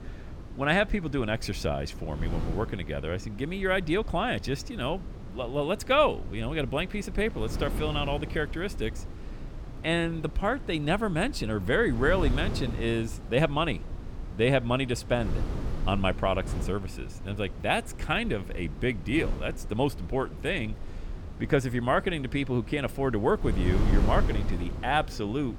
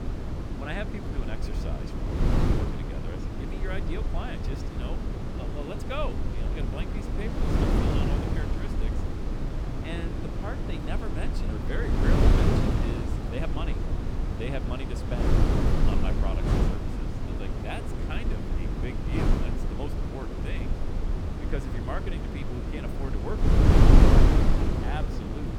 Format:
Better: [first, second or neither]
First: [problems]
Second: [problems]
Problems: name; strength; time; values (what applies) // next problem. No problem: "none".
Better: first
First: wind noise on the microphone; occasional gusts; 15 dB below the speech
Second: wind noise on the microphone; heavy; 4 dB above the speech